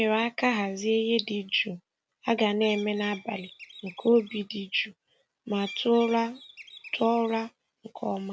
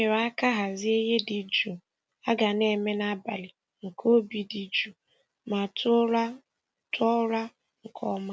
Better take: second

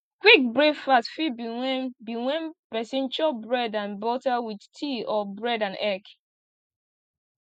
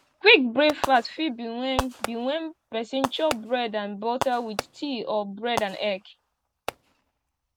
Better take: first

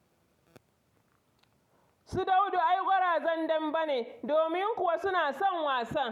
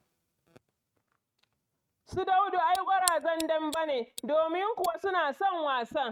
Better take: first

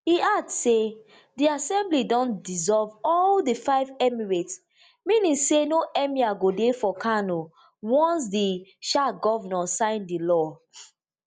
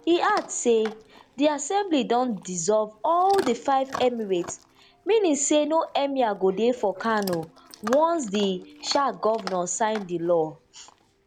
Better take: first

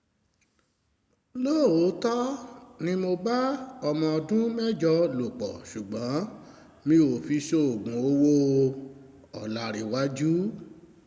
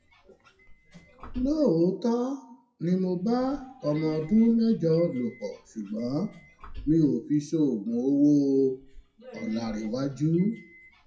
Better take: first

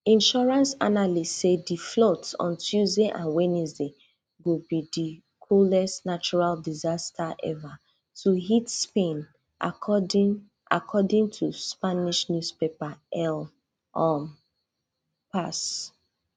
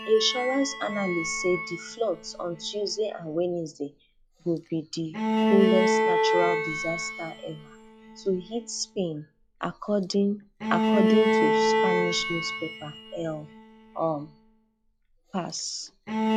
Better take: first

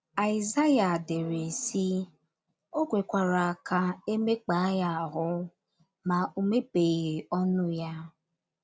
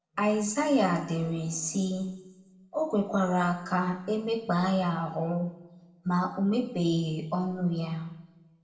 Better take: first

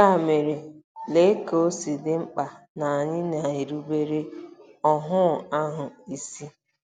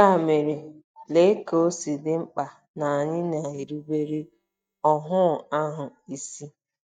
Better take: first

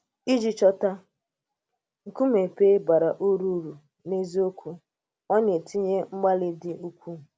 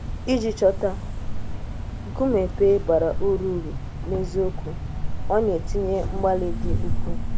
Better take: first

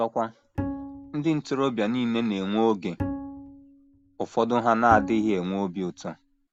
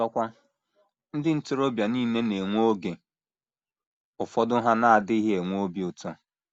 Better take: second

